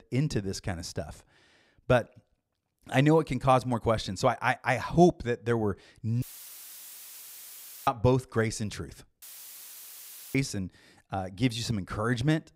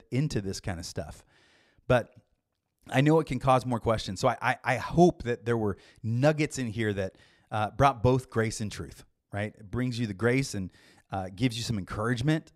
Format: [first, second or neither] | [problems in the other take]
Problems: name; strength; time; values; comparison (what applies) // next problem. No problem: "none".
second | audio cutting out; filled with static; at 6 s for 1.5 s and at 9 s for 1 s